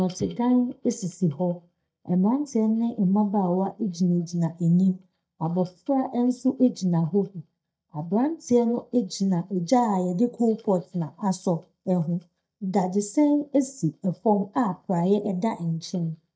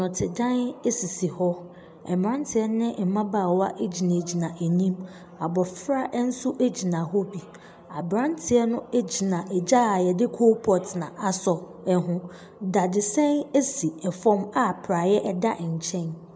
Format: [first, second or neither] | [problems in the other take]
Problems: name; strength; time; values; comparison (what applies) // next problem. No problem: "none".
second | noise reduction (neural mask model DeepFilterNet 3)